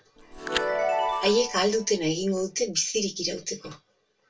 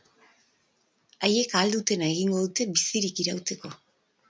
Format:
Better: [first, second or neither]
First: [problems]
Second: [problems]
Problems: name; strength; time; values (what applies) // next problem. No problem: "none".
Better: second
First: background sound (Chime); 4 dB below the speech // room echo; dies away in 0.2 s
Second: none